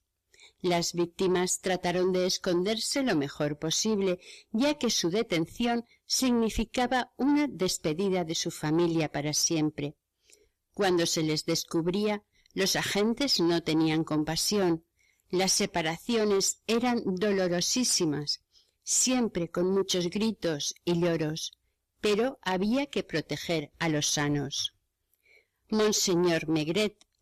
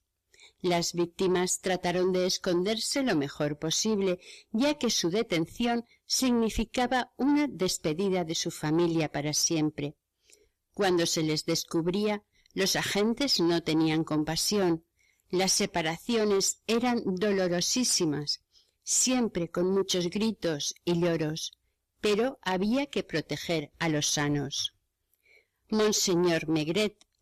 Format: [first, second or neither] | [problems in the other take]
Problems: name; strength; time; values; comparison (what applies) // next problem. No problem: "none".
neither | distortion; slight; 10 dB below the speech; the same in both